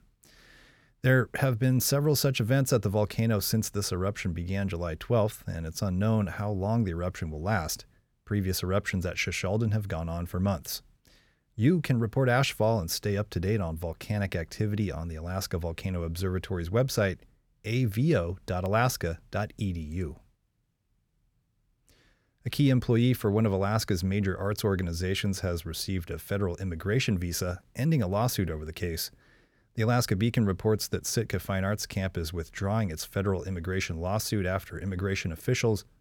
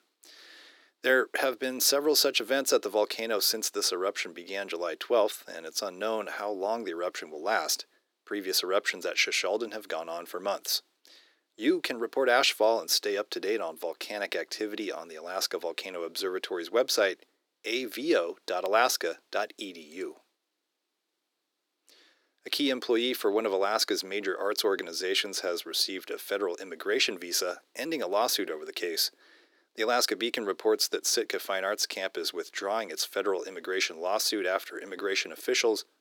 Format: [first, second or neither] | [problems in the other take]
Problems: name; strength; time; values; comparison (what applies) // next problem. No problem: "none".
first | thin; very; fading below 300 Hz